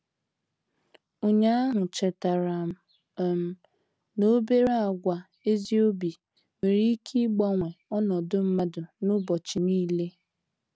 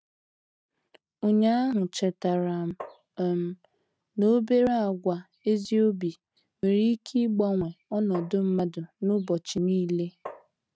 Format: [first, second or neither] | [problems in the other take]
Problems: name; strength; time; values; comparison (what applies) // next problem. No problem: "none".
first | noise reduction (neural mask model RNNoise)